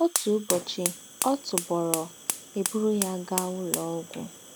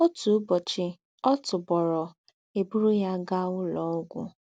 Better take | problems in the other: second | background sound (Fire); 5 dB below the speech

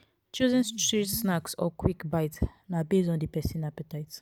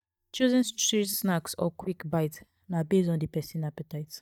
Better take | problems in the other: first | noise reduction (neural mask model DeepFilterNet 3)

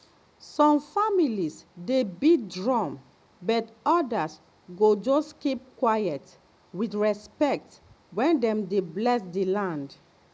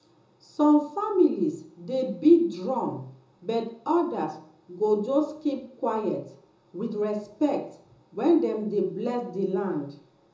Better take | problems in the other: first | room echo; dies away in 0.6 s

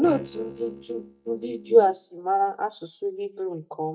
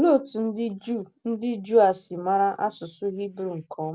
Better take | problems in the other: second | noise reduction (neural mask model DeepFilterNet 3)

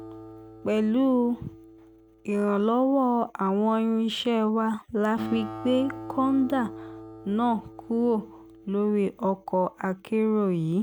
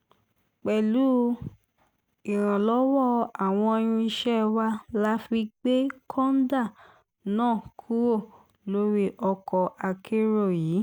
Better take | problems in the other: second | background sound (Acoustic guitar); 17 dB below the speech

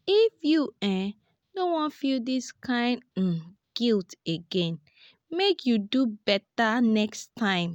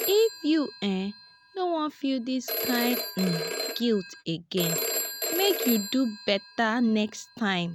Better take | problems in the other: first | background sound (Telephone); 7 dB below the speech

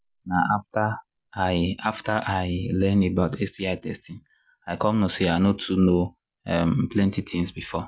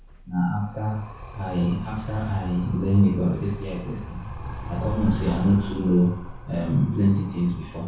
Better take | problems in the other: first | background sound (Animal); 10 dB below the speech // room echo; dies away in 0.6 s

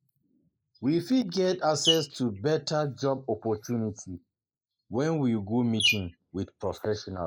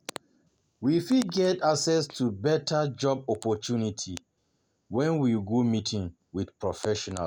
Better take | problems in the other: second | noise reduction (neural mask model Resemble Enhance denoiser)

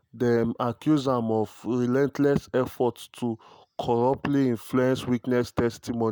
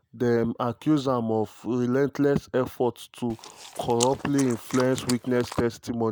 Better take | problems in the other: first | background sound (Chewing, mastication); 12 dB below the speech

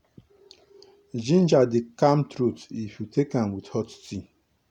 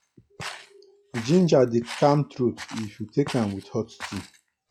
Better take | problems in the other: first | noise reduction (classical method log-MMSE)

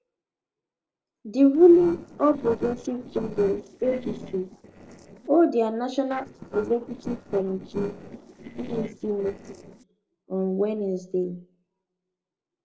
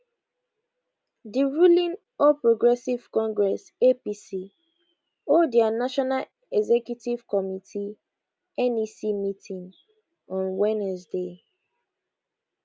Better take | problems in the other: second | noise reduction (neural separator model SepFormer DNS4)

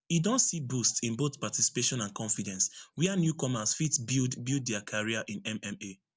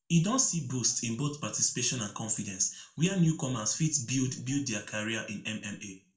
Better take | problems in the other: first | room echo; dies away in 0.3 s

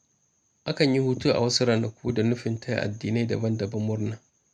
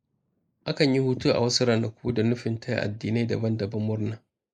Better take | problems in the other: first | noise reduction (neural mask model Resemble Enhance denoiser)

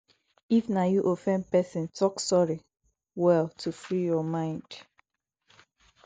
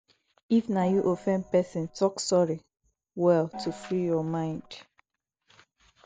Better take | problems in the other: first | background sound (Gong); 16 dB below the speech

